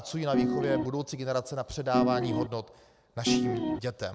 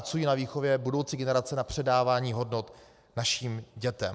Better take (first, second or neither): second